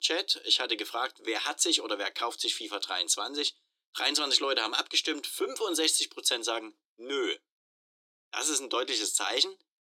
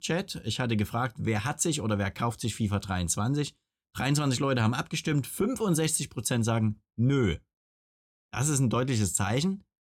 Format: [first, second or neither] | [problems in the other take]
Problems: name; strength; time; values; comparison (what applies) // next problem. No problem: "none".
second | thin; very; fading below 300 Hz